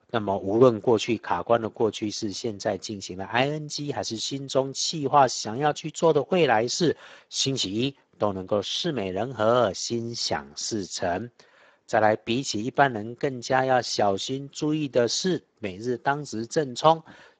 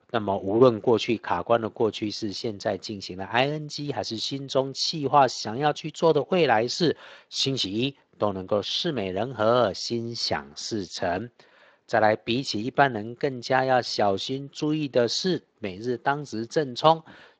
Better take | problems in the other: second | garbled, watery; badly; nothing above 7.5 kHz; slightly in the second

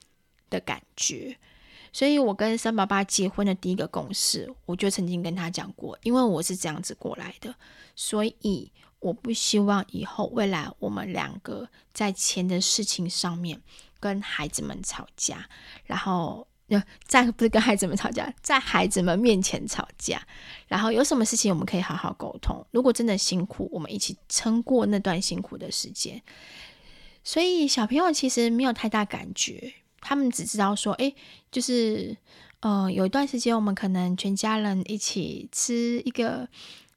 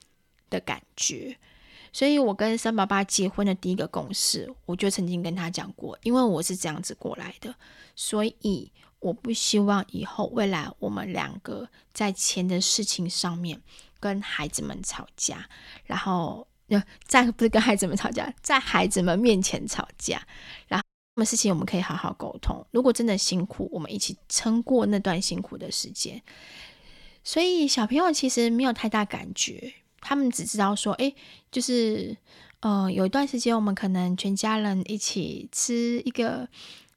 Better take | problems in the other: first | audio cutting out; at 21 s

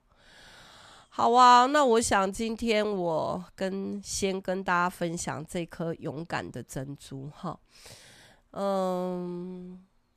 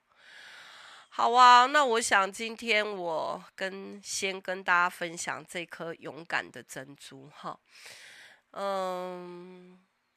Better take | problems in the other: first | thin; somewhat; fading below 1 kHz

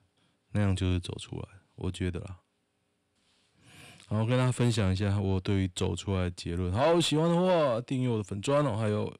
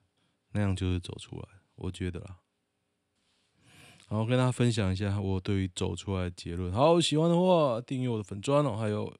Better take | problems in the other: second | distortion; slight; 10 dB below the speech

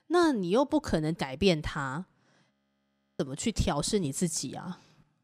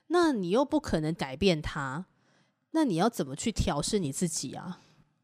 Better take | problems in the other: second | audio freezing; at 2.5 s for 0.5 s

